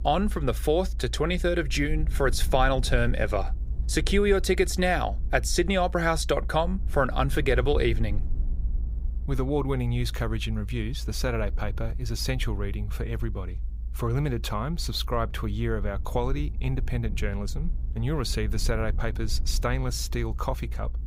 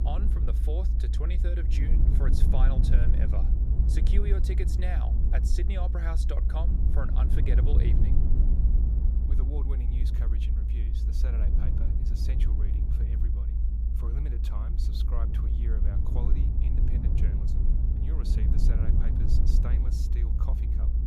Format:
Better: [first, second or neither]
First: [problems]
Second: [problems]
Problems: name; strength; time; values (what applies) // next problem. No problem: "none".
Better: first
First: low rumble; faint; throughout; 25 dB below the speech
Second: low rumble; loud; throughout; 1 dB below the speech